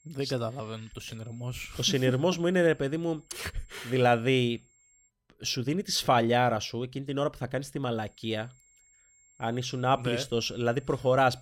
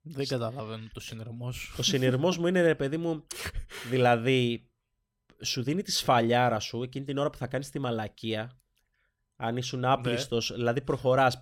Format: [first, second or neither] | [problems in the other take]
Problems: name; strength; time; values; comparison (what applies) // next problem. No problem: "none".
second | high-pitched whine; faint; until 5 s and from 8 s on; 7.5 kHz, 30 dB below the speech